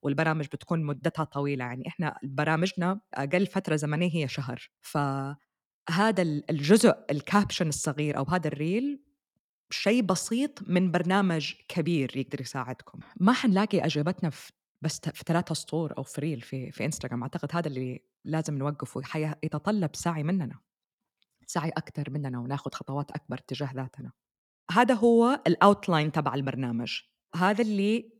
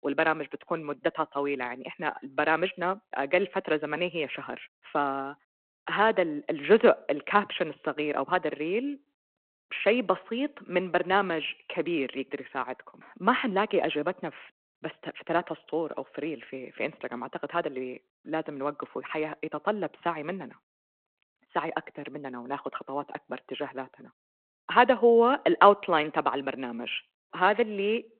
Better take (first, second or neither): first